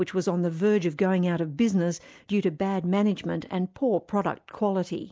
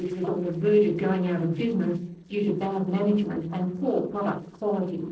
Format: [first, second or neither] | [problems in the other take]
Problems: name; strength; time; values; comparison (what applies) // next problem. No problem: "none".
first | noise reduction (neural separator model SepFormer DNS4)